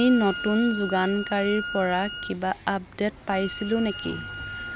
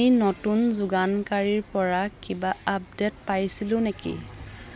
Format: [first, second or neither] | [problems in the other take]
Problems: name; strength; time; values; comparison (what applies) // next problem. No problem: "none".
second | background sound (Wind instrument, woodwind instrument); 10 dB below the speech